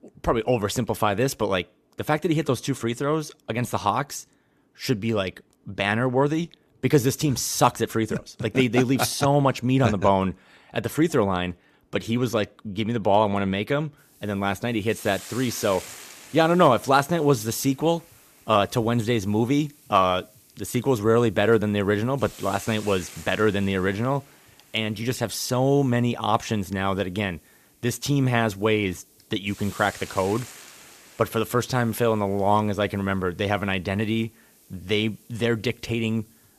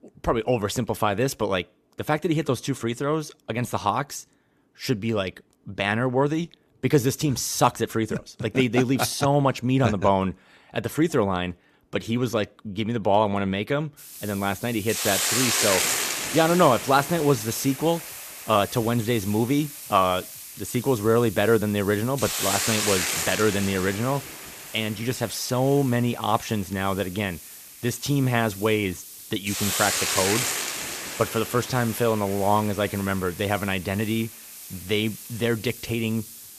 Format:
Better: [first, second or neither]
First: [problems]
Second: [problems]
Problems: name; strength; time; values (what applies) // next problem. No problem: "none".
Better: first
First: hiss; faint; from 14 s on; 20 dB below the speech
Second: hiss; loud; from 14 s on; 4 dB below the speech